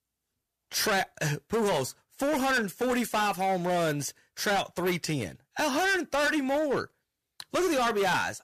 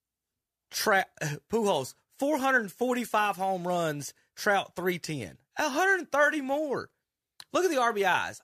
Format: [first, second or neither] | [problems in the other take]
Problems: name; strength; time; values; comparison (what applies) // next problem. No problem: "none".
second | distortion; heavy; 17% of the sound clipped